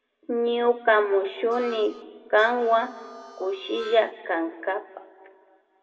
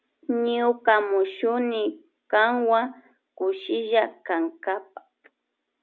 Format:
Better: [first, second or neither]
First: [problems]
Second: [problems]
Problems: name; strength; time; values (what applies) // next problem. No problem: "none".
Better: second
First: background sound (Harmonica); 19 dB below the speech // room echo; dies away in 1.5 s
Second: none